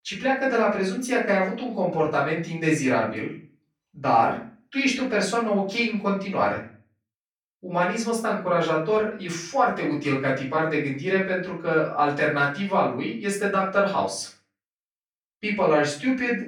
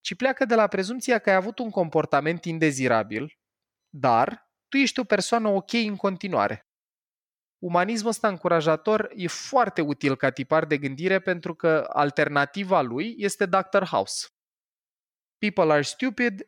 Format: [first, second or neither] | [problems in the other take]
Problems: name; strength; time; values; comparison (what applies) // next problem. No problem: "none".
second | off-mic speech; far // room echo; slight; dies away in 0.3 s